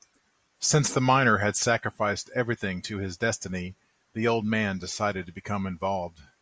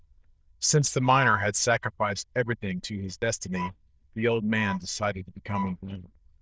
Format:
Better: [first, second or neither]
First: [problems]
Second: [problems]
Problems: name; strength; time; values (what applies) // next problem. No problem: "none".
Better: first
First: none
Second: noise reduction (neural diffusion model UNIVERSE++)